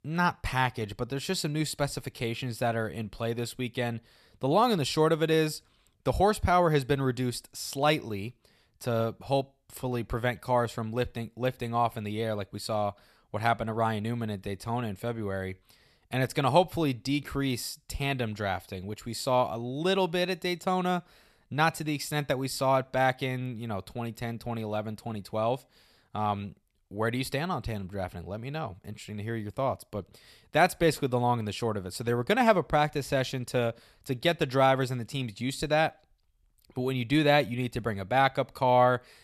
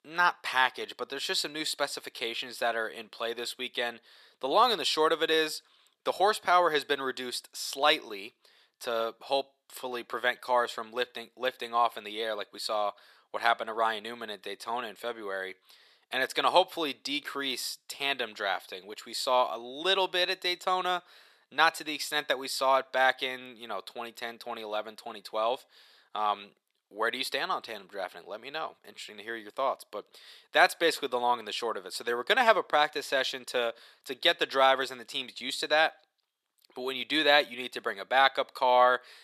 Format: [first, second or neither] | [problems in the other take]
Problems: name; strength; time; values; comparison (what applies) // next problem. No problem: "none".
first | thin; very; fading below 350 Hz